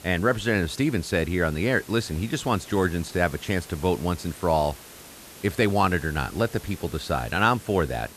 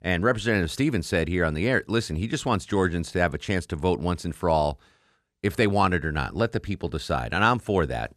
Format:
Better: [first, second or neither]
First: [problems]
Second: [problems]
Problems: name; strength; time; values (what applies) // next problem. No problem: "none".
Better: second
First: hiss; noticeable; throughout; 20 dB below the speech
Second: none